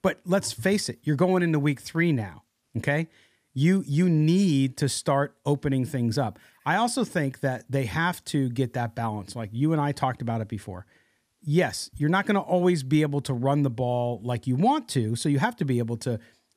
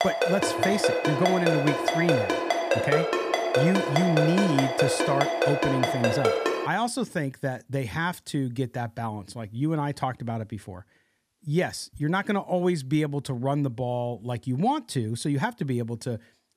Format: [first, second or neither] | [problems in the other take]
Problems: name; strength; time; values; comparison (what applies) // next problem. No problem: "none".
first | phone ringing; loud; until 6.5 s; peak 4 dB above the speech